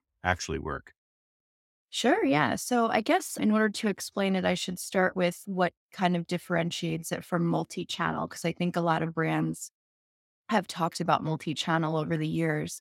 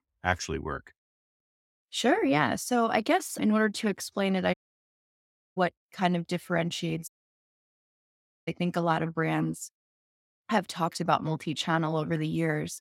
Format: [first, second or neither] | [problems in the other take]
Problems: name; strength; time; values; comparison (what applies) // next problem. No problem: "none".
first | audio cutting out; at 4.5 s for 1 s and at 7 s for 1.5 s